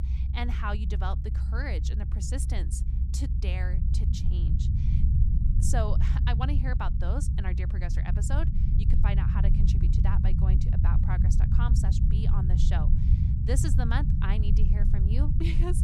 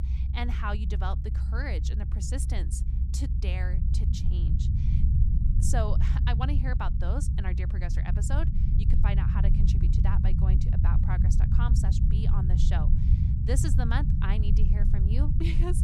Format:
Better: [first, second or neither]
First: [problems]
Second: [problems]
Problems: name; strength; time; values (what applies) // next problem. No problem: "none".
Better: neither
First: low rumble; loud; throughout; 3 dB below the speech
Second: low rumble; loud; throughout; 3 dB below the speech